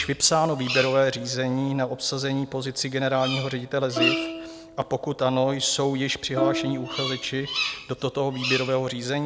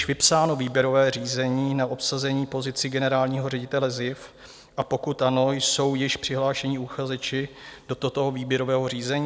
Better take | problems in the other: second | background sound (Plucked string instrument + Bird vocalization, bird call, bird song); 7 dB below the speech

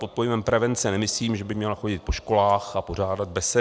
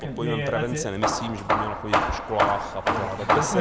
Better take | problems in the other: first | background sound (Hammer / Wood); 5 dB above the speech

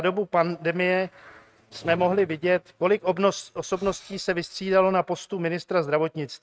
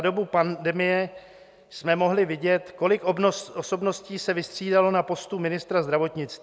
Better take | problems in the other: second | noise reduction (neural mask model RNNoise)

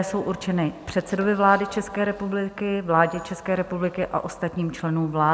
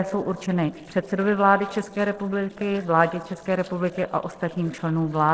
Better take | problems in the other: first | noise reduction (neural separator model SepFormer DNS4)

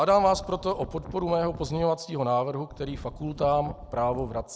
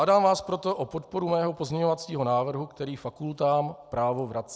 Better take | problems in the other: second | background sound (Wind); 14 dB below the speech

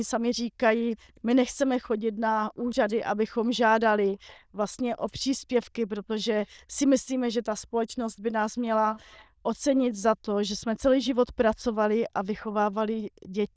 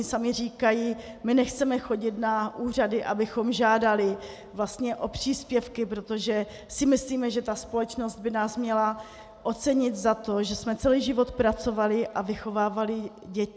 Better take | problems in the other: second | noise reduction (neural diffusion model UNIVERSE++)

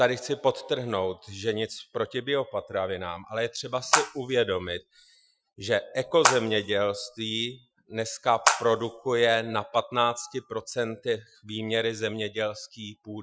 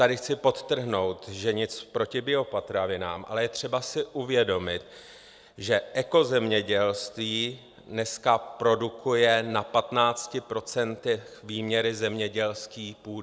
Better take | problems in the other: second | noise reduction (classical method Wiener filter)

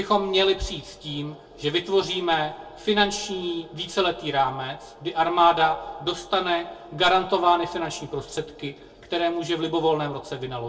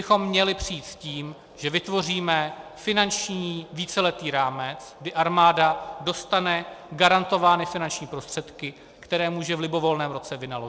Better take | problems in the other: second | room echo; dies away in 0.1 s

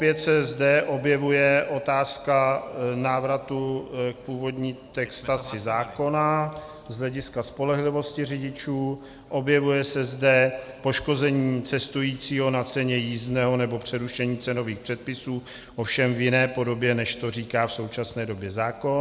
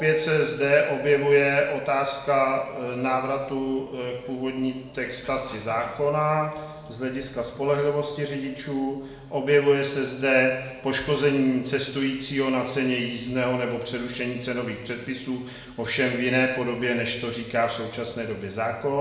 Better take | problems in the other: first | room echo; dies away in 0.9 s

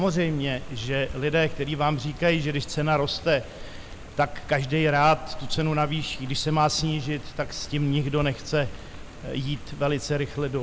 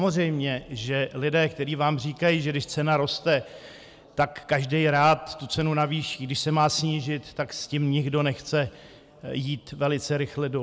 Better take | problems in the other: second | background sound (Rain); 11 dB below the speech

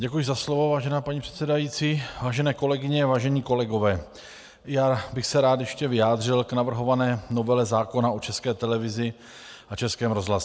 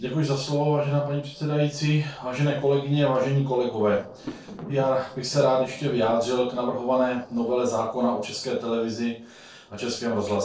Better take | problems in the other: first | noise reduction (neural separator model SepFormer DNS4)

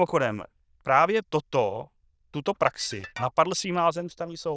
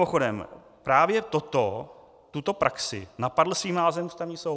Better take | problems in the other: second | noise reduction (neural diffusion model UNIVERSE++)

